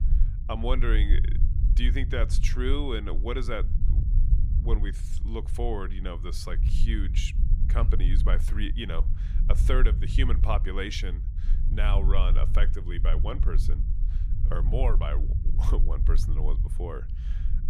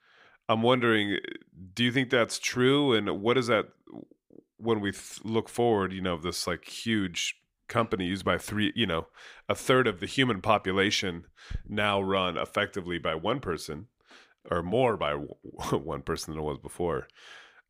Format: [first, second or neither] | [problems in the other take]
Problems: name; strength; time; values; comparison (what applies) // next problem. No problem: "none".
second | low rumble; noticeable; throughout; 10 dB below the speech